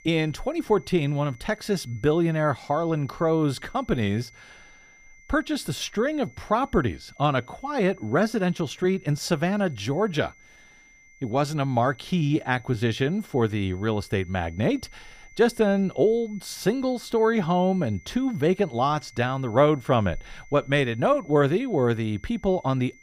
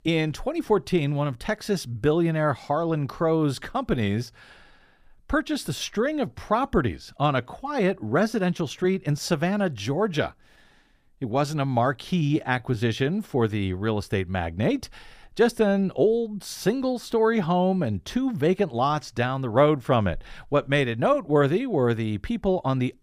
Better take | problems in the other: second | high-pitched whine; faint; throughout; 2 kHz, 25 dB below the speech

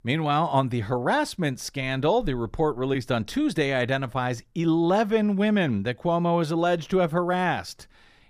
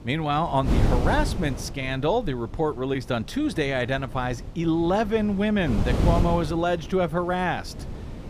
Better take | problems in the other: first | wind noise on the microphone; occasional gusts; 10 dB below the speech

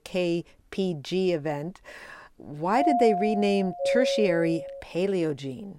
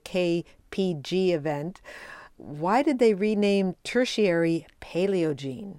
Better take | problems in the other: second | doorbell; loud; from 3 to 5 s; peak 1 dB above the speech

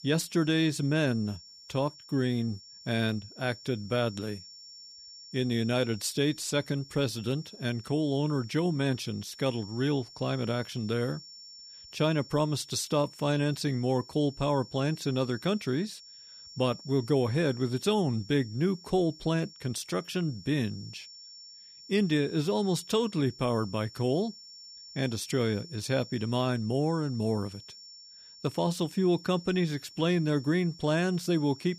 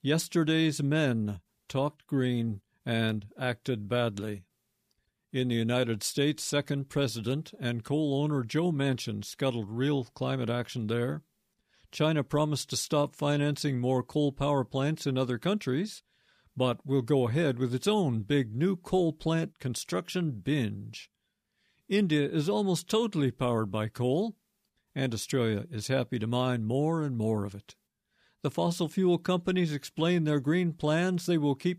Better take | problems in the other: second | high-pitched whine; noticeable; throughout; 5.5 kHz, 15 dB below the speech

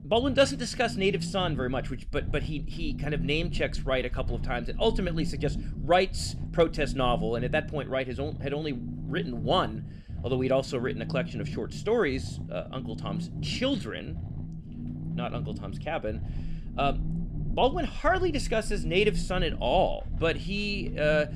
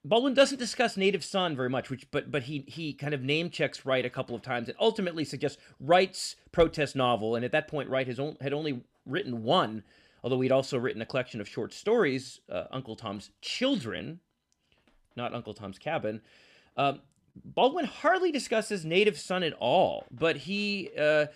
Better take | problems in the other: second | low rumble; noticeable; throughout; 15 dB below the speech

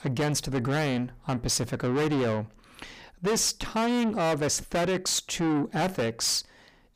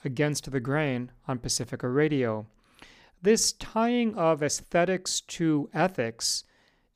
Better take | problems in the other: second | distortion; heavy; 6 dB below the speech

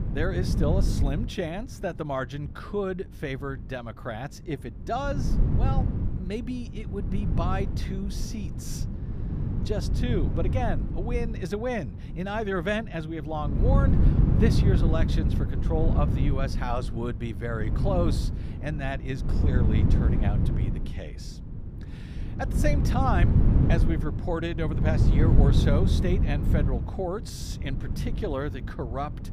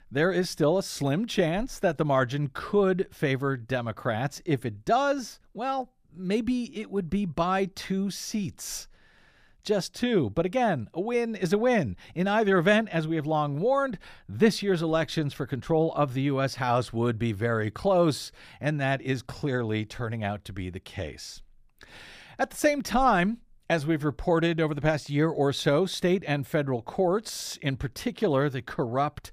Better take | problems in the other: second | wind noise on the microphone; heavy; 5 dB below the speech

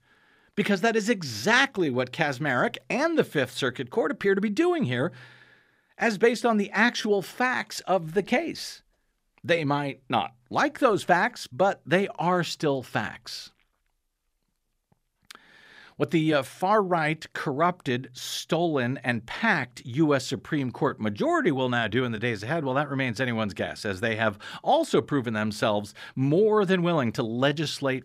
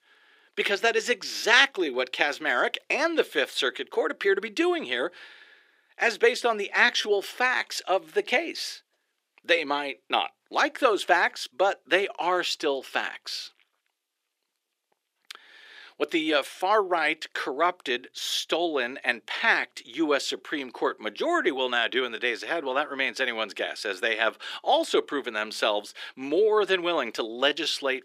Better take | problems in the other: first | thin; somewhat; fading below 350 Hz

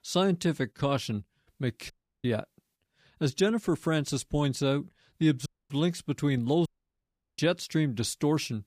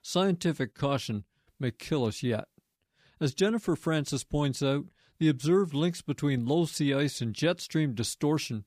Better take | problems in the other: second | audio cutting out; at 2 s, at 5.5 s and at 6.5 s for 0.5 s

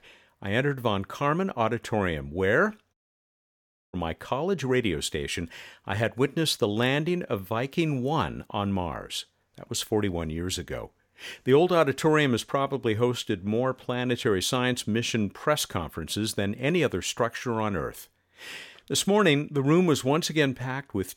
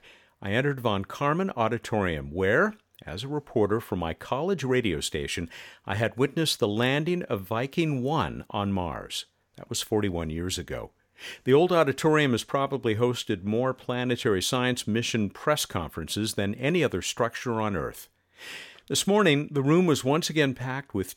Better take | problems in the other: second | audio cutting out; at 3 s for 1 s

